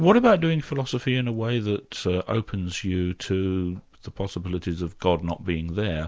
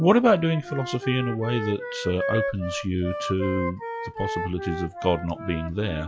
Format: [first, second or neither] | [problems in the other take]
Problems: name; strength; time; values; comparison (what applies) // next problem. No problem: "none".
first | noise reduction (classical method log-MMSE)